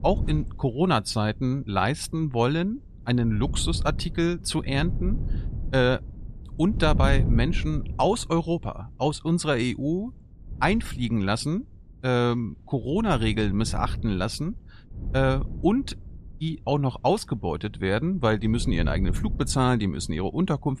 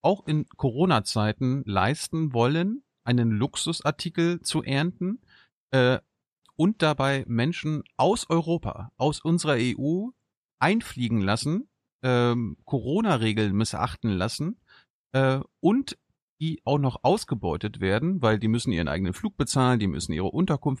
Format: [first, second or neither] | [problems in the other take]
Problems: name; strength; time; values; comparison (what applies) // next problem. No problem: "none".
second | wind noise on the microphone; occasional gusts; 20 dB below the speech